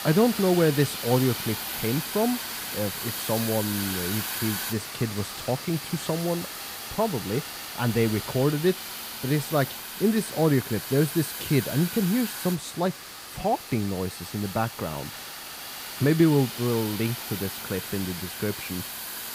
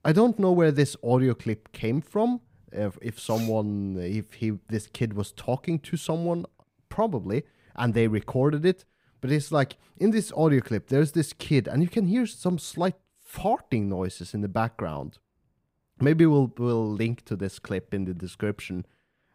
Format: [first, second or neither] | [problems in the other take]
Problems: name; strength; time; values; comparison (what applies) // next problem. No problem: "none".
second | hiss; loud; throughout; 6 dB below the speech